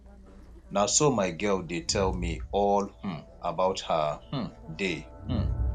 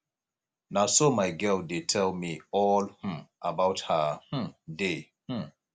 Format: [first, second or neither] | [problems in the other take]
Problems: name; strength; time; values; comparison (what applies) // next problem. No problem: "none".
second | background sound (Crowd); 8 dB below the speech